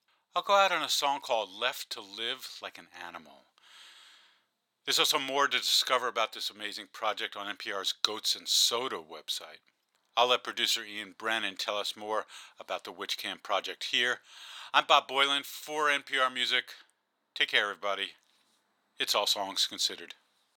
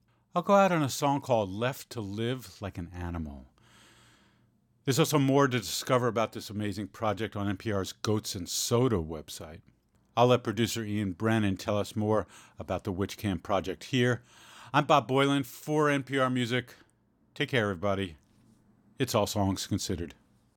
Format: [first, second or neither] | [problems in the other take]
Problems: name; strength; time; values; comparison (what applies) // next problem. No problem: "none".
second | thin; very; fading below 750 Hz